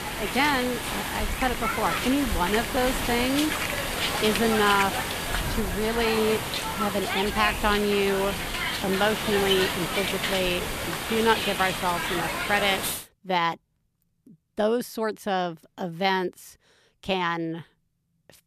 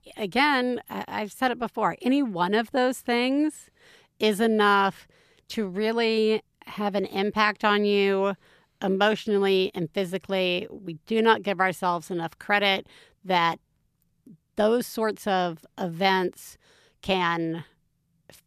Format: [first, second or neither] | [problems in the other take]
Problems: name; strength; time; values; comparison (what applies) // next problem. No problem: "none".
second | hiss; loud; until 13 s; 1 dB below the speech